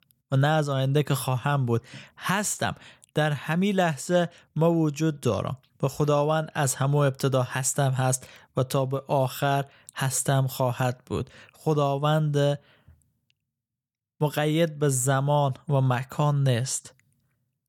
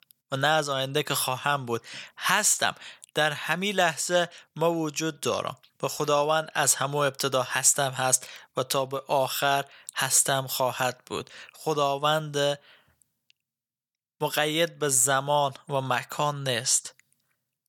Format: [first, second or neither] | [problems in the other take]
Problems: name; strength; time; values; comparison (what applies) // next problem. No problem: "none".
first | thin; somewhat; fading below 950 Hz